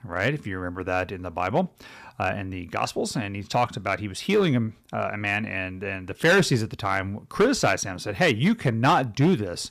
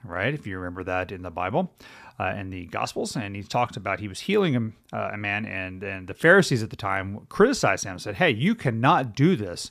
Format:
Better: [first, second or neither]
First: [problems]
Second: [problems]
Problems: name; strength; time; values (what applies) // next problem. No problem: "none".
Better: second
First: distortion; slight; 3% of the sound clipped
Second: none